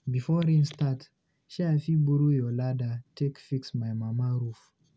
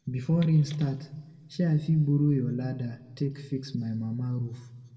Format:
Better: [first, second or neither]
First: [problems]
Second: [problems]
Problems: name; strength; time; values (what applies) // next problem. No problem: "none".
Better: first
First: none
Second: room echo; dies away in 1 s